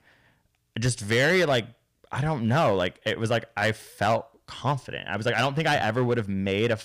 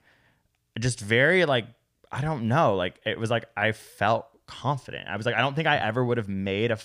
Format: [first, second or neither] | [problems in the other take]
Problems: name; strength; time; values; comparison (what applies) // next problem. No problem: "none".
second | distortion; slight; 5% of the sound clipped